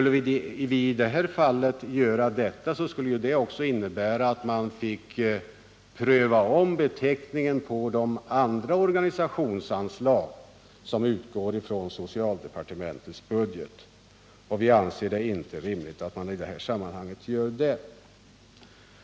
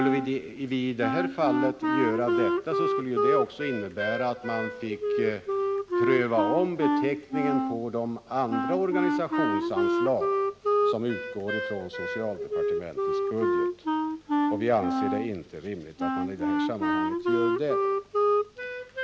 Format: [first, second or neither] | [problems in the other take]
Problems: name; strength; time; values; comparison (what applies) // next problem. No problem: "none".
first | background sound (Wind instrument, woodwind instrument); 3 dB above the speech